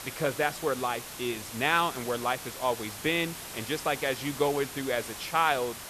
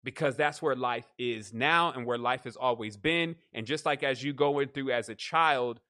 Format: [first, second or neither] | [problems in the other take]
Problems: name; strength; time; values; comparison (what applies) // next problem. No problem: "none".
second | hiss; loud; throughout; 9 dB below the speech